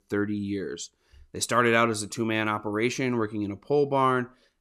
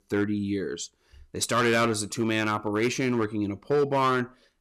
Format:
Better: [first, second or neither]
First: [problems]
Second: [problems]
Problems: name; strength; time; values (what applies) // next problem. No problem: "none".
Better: first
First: none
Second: distortion; slight; 6% of the sound clipped